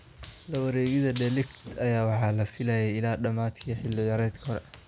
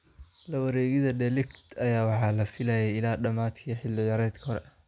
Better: second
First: background sound (Run); 19 dB below the speech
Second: none

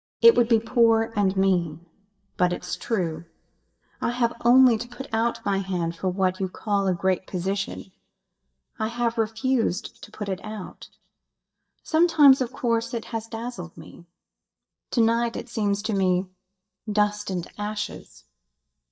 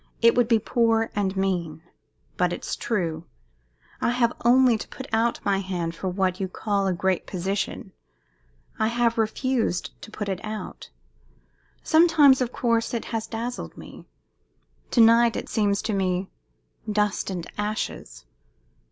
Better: second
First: noise reduction (neural mask model DeepFilterNet 3)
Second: none

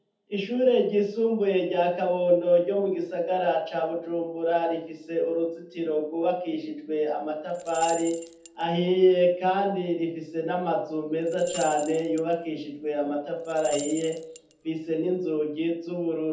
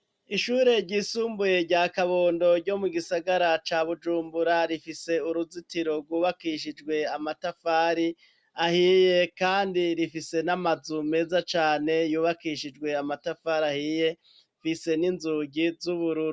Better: second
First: background sound (Rattle / Keys jangling); 17 dB below the speech // room echo; dies away in 0.6 s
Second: none

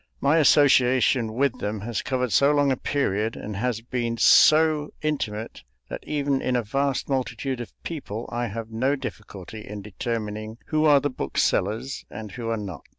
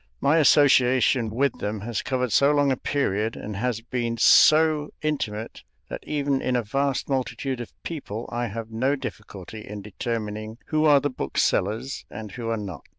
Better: first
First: none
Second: noise reduction (neural diffusion model UNIVERSE++)

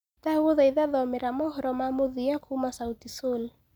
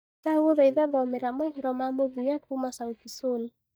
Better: first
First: none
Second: noise reduction (neural mask model DeepFilterNet 3)

